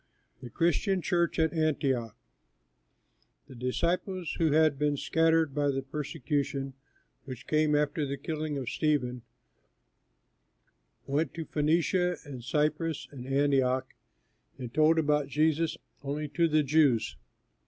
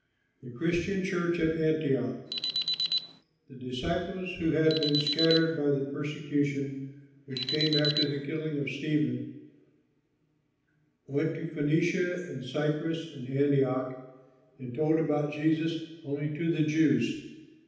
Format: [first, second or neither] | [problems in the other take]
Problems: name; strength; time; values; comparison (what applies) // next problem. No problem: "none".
first | background sound (Alarm); 5 dB below the speech // room echo; dies away in 0.9 s